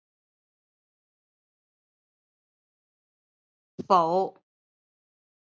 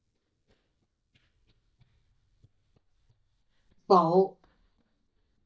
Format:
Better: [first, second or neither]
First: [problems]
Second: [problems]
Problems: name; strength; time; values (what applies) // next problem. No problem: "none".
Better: first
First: none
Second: noise reduction (neural mask model DeepFilterNet 3)